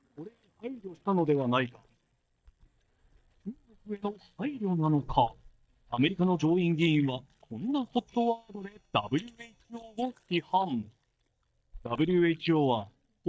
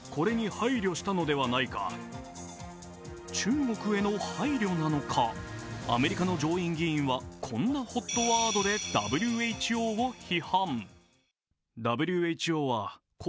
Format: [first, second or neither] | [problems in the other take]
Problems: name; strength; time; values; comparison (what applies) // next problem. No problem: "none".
second | noise reduction (neural mask model DeepFilterNet 3)